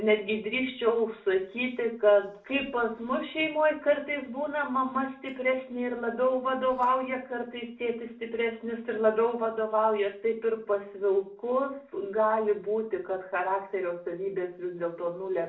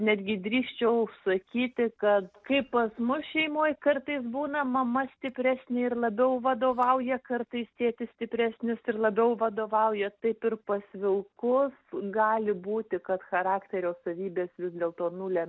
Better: second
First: room echo; dies away in 0.3 s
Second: none

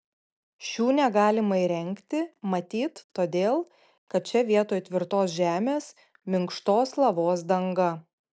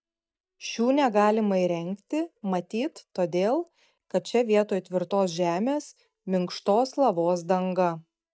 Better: first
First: none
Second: noise reduction (neural mask model DeepFilterNet 3)

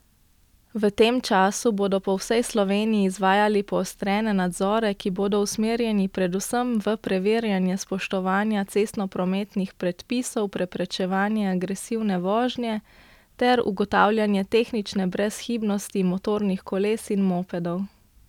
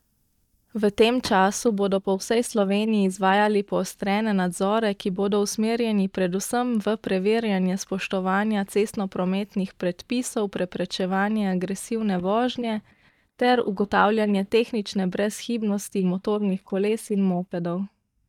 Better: first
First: none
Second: noise reduction (neural mask model DeepFilterNet 3)

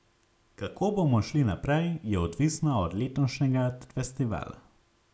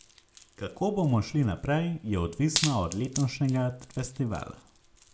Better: first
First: none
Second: background sound (Wood); 11 dB below the speech

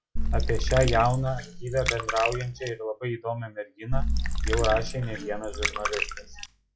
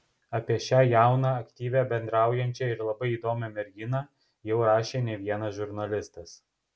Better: second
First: noise reduction (classical method log-MMSE)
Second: none

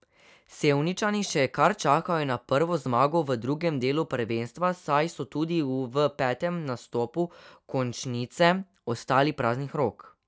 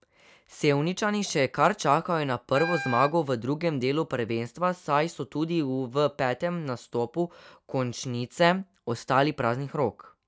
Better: first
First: none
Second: background sound (Wind instrument, woodwind instrument); 9 dB below the speech

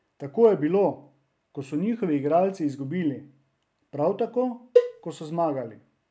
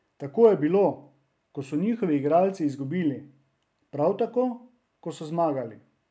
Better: second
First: background sound (Cowbell); as loud as the speech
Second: none

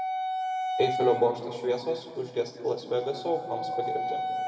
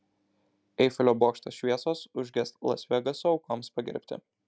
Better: second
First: background sound (Wind instrument, woodwind instrument); 3 dB below the speech // room echo; dies away in 2.5 s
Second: none

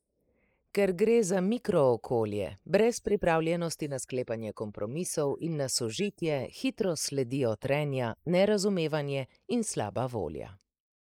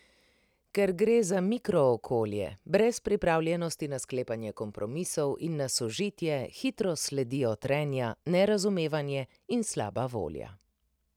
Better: second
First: noise reduction (neural mask model Resemble Enhance denoiser)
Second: none

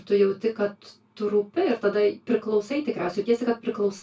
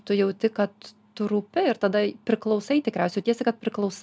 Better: second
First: room echo; dies away in 0.2 s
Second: none

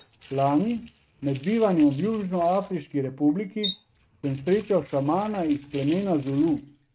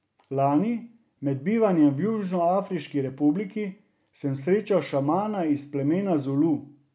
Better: second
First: noise reduction (neural mask model RNNoise)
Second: none

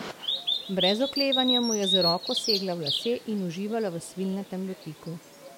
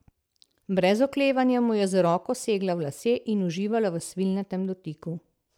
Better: second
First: background sound (Bird vocalization, bird call, bird song); 2 dB below the speech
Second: none

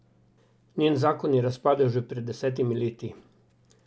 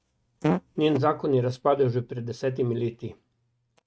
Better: first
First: none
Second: noise reduction (neural mask model RNNoise)

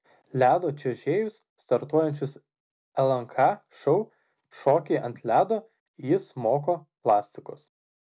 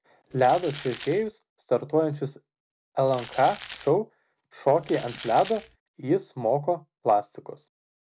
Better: first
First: none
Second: background sound (Crumpling, crinkling); 16 dB below the speech

